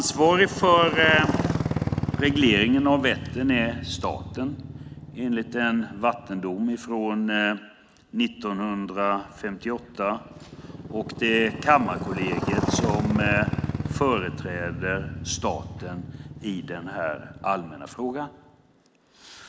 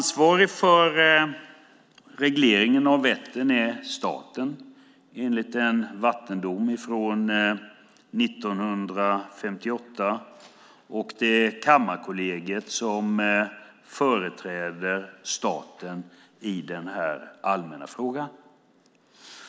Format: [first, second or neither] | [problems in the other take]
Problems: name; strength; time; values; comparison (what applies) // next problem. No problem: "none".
second | background sound (Motorcycle); 6 dB below the speech